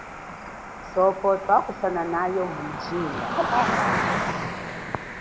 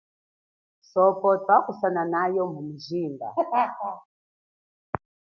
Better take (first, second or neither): second